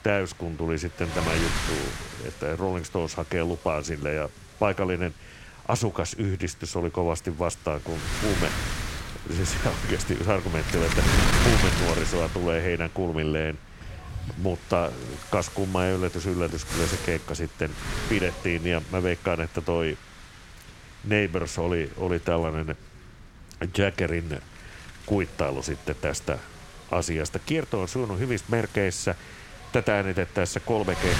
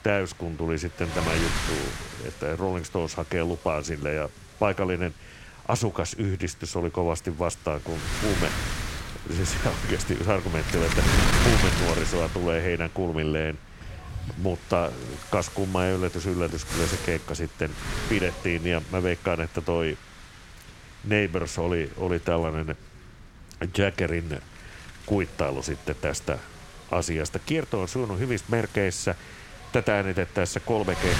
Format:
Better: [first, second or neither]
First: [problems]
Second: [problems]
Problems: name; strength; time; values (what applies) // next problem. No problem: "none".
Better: neither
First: wind noise on the microphone; heavy; 3 dB below the speech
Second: wind noise on the microphone; heavy; 3 dB below the speech